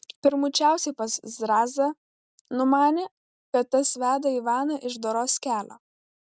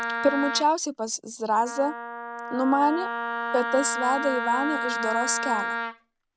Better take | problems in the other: first | background sound (Wind instrument, woodwind instrument); 4 dB below the speech

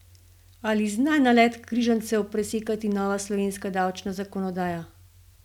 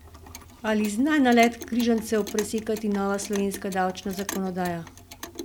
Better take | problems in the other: first | background sound (Clock); 15 dB below the speech

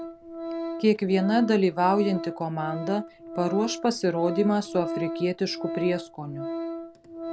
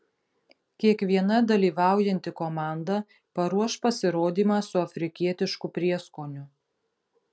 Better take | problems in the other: second | background sound (Organ); 8 dB below the speech

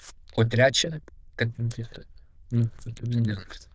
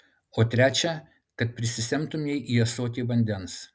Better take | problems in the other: second | noise reduction (neural diffusion model UNIVERSE++)

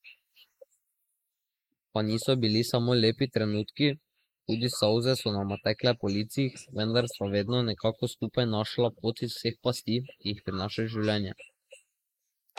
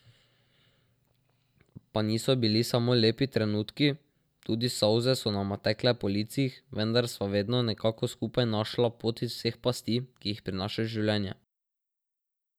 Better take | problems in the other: second | noise reduction (neural mask model Resemble Enhance denoiser)

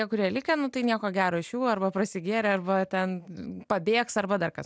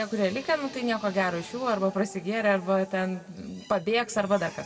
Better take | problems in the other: first | background sound (Drill); 20 dB below the speech // room echo; dies away in 0.7 s

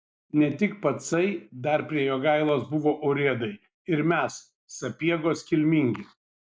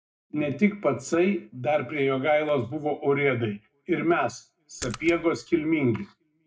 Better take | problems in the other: first | background sound (Splash, splatter); 15 dB below the speech // room echo; dies away in 0.2 s

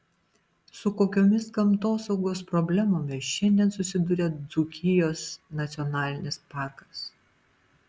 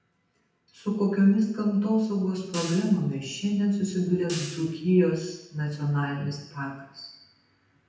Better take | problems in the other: first | background sound (Hi-hat); 17 dB below the speech // room echo; dies away in 0.8 s

